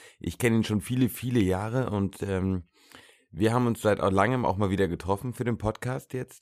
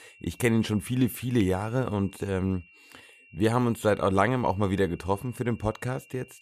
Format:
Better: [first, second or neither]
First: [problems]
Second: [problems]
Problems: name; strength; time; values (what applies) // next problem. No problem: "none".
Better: first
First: none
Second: high-pitched whine; faint; throughout; 3 kHz, 25 dB below the speech